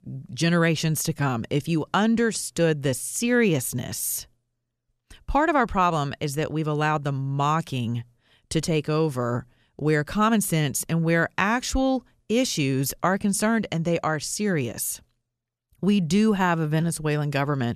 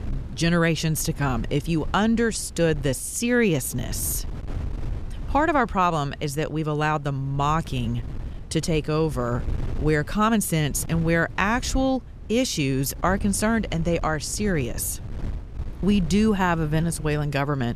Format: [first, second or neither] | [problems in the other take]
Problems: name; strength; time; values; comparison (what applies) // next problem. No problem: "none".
first | wind noise on the microphone; occasional gusts; 20 dB below the speech